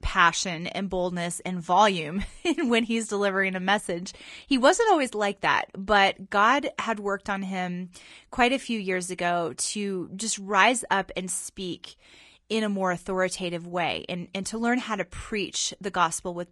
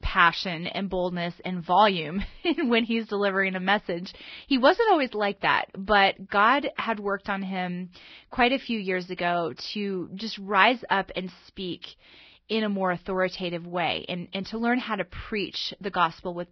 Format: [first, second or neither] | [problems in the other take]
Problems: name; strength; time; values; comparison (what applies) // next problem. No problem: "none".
first | garbled, watery; badly; nothing above 5.5 kHz; slightly in the first